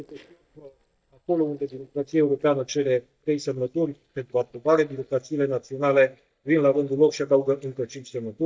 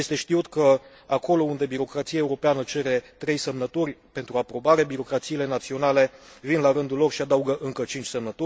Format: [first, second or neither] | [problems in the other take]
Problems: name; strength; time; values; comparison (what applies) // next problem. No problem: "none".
second | noise reduction (neural mask model DeepFilterNet 3)